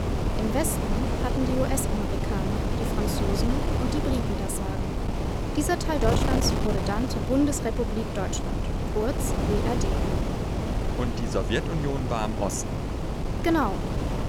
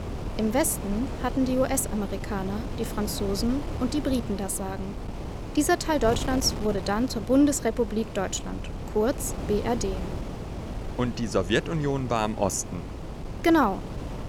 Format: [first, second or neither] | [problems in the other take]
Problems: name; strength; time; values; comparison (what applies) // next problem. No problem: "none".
second | wind noise on the microphone; heavy; 2 dB below the speech; occasional gusts in the second